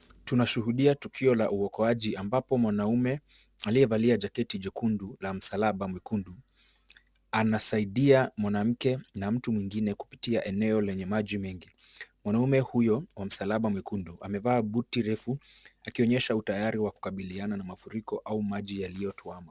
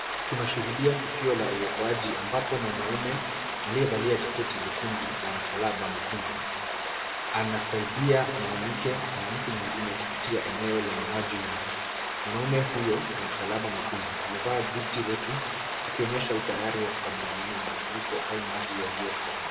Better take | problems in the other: first | background sound (Stream); 1 dB below the speech // room echo; dies away in 1.4 s

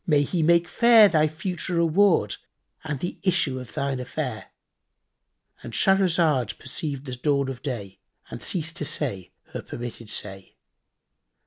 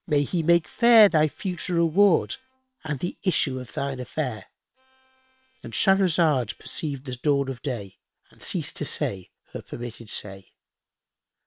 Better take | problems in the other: first | noise reduction (neural separator model SepFormer WHAM!)

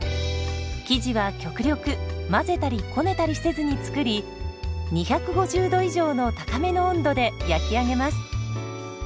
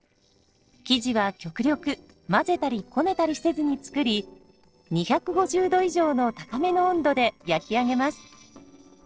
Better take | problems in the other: first | noise reduction (neural separator model SepFormer DNS4)

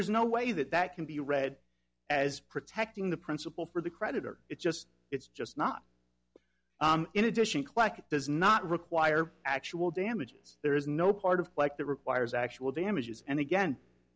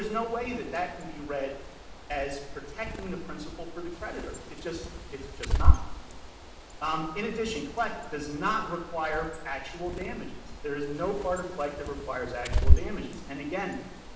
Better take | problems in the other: first | background sound (Bird); 5 dB above the speech // room echo; dies away in 0.9 s

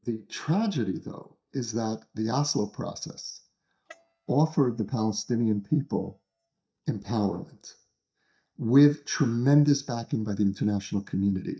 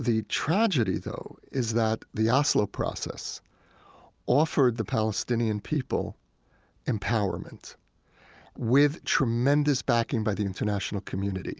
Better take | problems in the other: second | noise reduction (neural mask model DeepFilterNet 3)

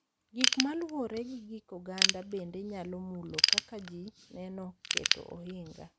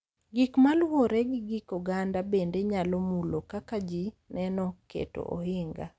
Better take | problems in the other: second | background sound (Ratchet, pawl / Tools); 5 dB above the speech

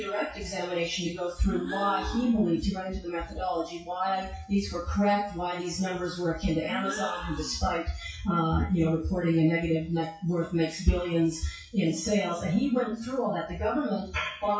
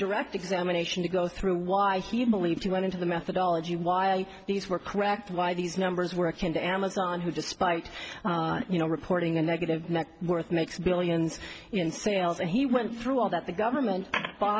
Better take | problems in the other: second | noise reduction (classical method WPE with log-MMSE)

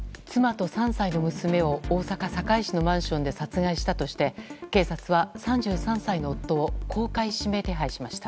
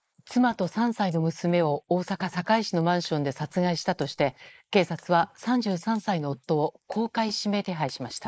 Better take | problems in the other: first | noise reduction (neural mask model Resemble Enhance denoiser)

